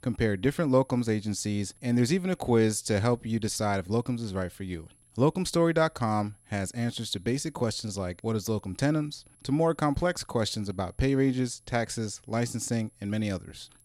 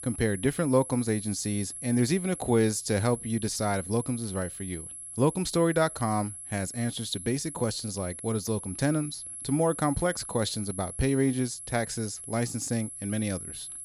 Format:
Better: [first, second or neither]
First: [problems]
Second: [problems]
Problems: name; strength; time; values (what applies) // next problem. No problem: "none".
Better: first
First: high-pitched whine; faint; throughout; 11 kHz, 30 dB below the speech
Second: high-pitched whine; loud; throughout; 11 kHz, 9 dB below the speech